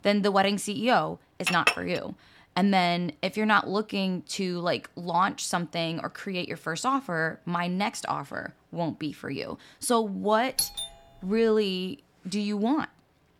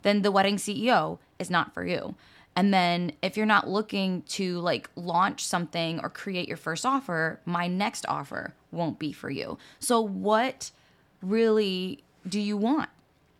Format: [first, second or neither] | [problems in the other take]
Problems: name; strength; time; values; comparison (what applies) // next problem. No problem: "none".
second | clattering dishes; loud; at 1.5 s; peak 3 dB above the speech // doorbell; noticeable; at 11 s; peak level with the speech